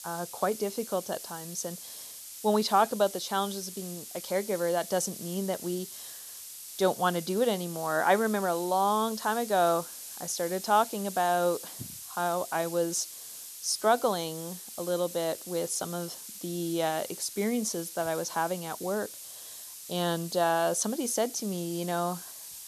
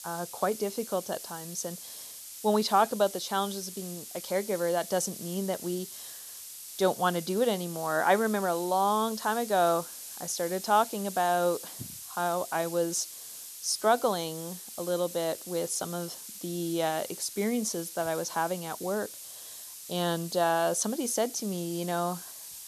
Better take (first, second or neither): neither